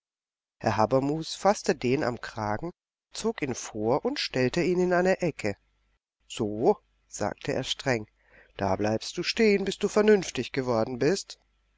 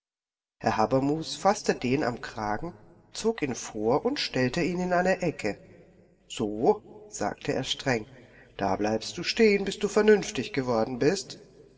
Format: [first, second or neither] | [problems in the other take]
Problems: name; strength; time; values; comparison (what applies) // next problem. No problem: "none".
first | room echo; dies away in 0.3 s